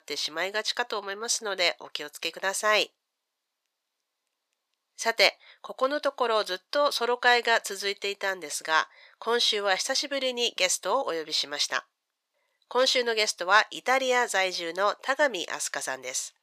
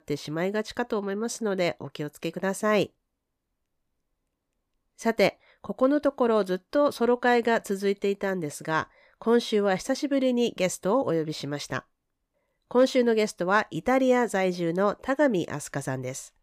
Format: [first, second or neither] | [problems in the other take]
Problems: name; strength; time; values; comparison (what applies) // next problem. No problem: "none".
second | thin; very; fading below 700 Hz